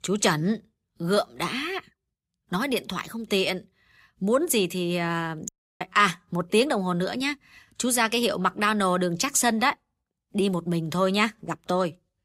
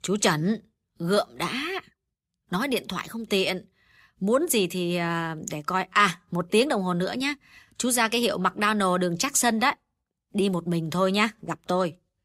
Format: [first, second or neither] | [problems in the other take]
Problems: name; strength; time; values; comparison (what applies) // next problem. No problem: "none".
second | audio cutting out; at 5.5 s